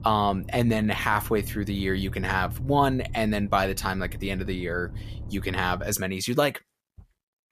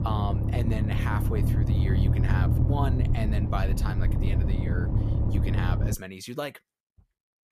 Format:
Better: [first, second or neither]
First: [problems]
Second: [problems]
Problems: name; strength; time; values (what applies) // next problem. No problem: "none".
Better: first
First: low rumble; faint; until 6 s; 25 dB below the speech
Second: low rumble; loud; until 6 s; 2 dB below the speech